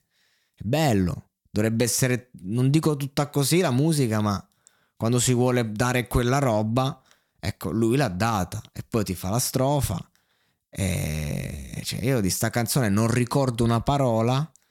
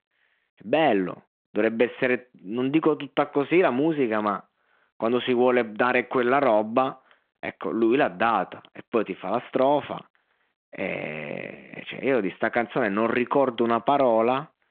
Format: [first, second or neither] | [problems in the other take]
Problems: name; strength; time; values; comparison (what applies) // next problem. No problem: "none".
first | phone-call audio